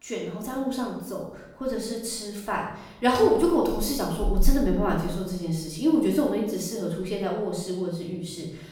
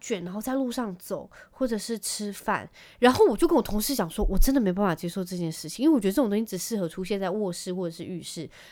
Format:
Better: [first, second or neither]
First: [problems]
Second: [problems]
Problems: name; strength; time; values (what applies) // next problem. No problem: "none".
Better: second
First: off-mic speech; far // room echo; noticeable; dies away in 0.9 s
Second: none